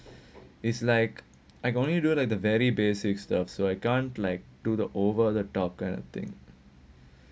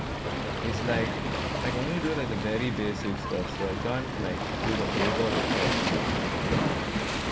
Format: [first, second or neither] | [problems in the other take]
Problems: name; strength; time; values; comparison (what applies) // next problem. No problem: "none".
first | background sound (Waves, surf); 4 dB above the speech